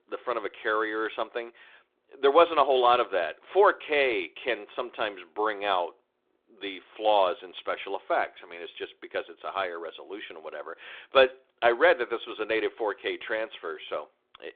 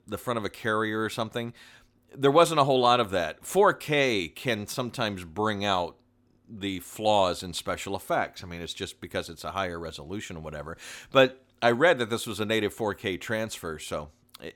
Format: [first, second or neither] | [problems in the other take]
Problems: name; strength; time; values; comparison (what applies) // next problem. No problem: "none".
second | phone-call audio; nothing above 3.5 kHz